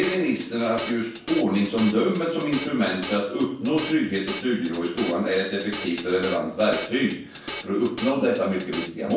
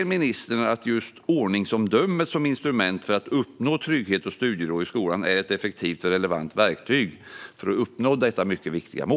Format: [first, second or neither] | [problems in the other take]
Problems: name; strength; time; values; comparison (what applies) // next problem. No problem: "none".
second | background sound (Drum kit); 13 dB below the speech // room echo; dies away in 0.7 s